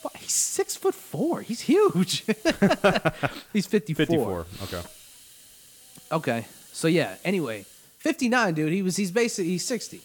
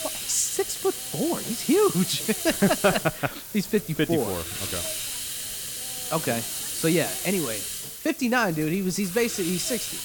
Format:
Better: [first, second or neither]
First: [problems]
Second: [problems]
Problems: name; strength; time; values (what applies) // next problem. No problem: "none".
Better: first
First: hiss; faint; throughout; 25 dB below the speech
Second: hiss; loud; throughout; 5 dB below the speech